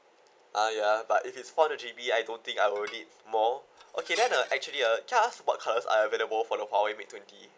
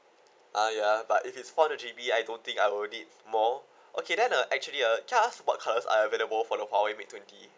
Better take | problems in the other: second | background sound (Dishes, pots, and pans); 16 dB below the speech

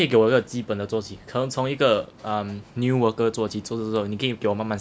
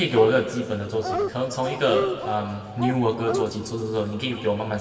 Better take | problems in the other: first | background sound (Dog); 7 dB below the speech // room echo; dies away in 2.9 s

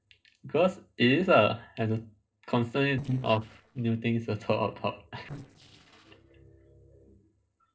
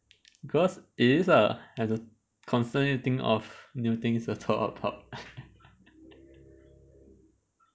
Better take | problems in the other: second | noise reduction (neural separator model SepFormer DNS4)

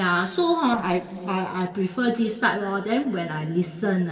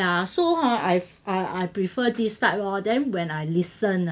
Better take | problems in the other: second | noise reduction (neural separator model SepFormer DNS4)

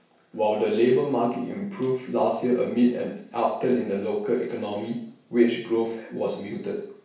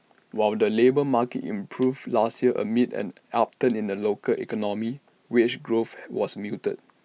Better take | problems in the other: second | room echo; dies away in 0.7 s

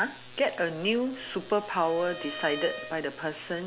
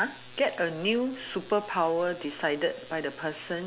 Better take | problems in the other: second | background sound (Bowed string instrument); 14 dB below the speech

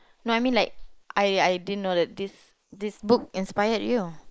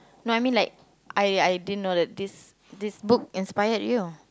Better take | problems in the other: second | noise reduction (neural mask model Resemble Enhance denoiser)

